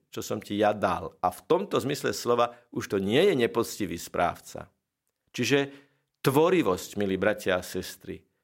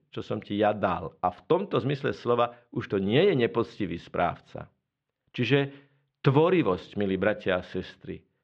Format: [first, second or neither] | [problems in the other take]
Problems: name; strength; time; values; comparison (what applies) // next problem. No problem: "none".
first | muffled; slightly; fading above 3.5 kHz